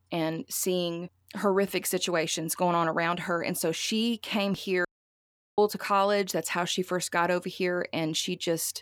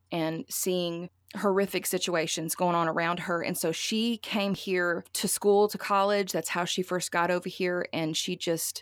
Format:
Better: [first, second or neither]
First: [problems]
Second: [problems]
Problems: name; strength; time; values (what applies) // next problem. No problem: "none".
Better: second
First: audio cutting out; at 5 s for 0.5 s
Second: none